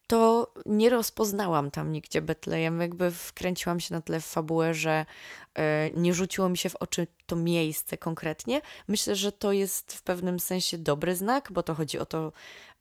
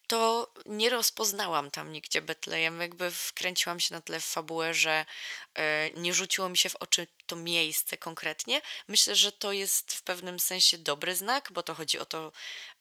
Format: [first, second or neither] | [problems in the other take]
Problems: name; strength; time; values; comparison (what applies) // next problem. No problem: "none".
first | thin; somewhat; fading below 1 kHz